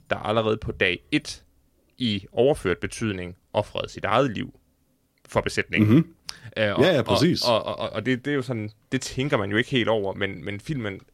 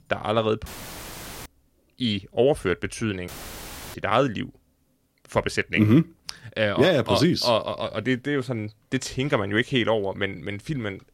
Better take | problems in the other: first | audio cutting out; filled with static; at 0.5 s for 1 s and at 3.5 s for 0.5 s

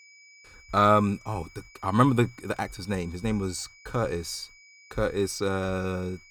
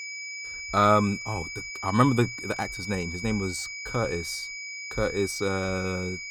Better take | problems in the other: first | high-pitched whine; loud; throughout; 2.5 kHz, 7 dB below the speech; faint in the first

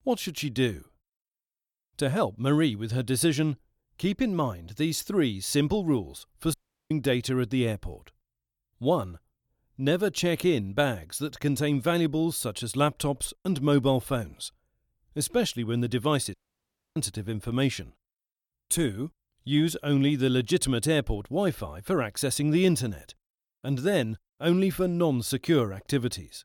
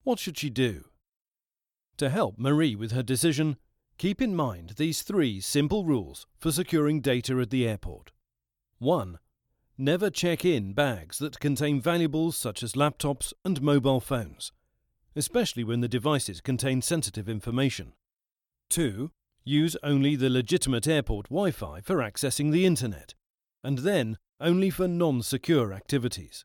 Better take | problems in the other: second | audio cutting out; at 6.5 s and at 16 s for 0.5 s

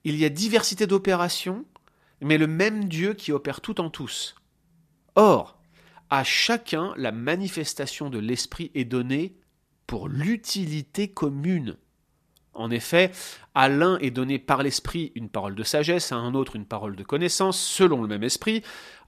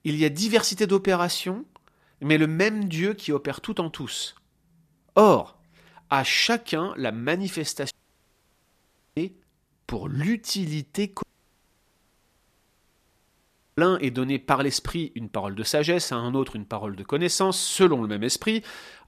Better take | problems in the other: first | audio cutting out; at 8 s for 1.5 s and at 11 s for 2.5 s

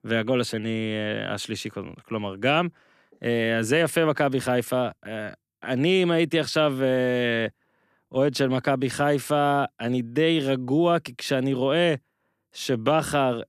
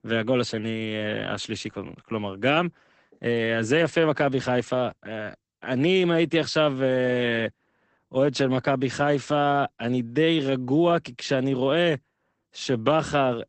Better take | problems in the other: first | garbled, watery; badly; nothing above 8 kHz

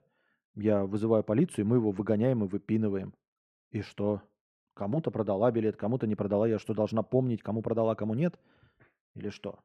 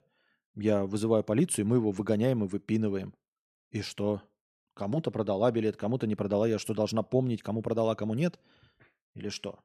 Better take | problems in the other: second | muffled; slightly; fading above 3 kHz

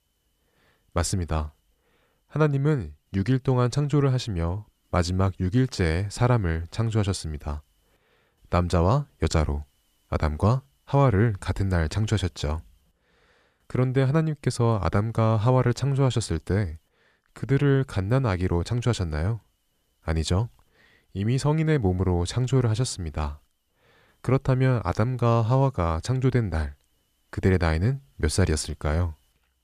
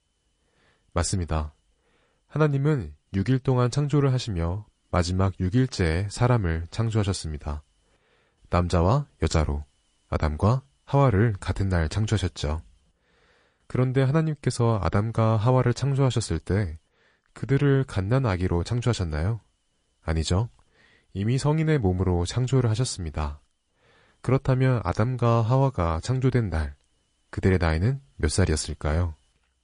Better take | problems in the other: first | garbled, watery; slightly; nothing above 10 kHz

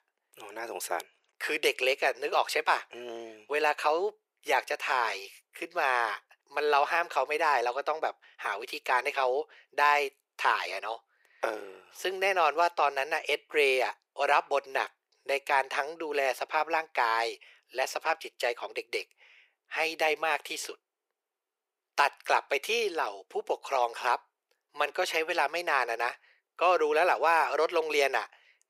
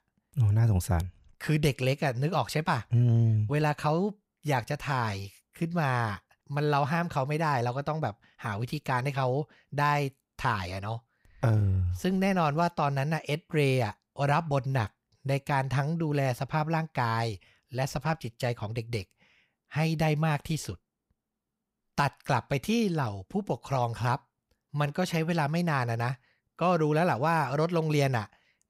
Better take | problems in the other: second | thin; very; fading below 400 Hz

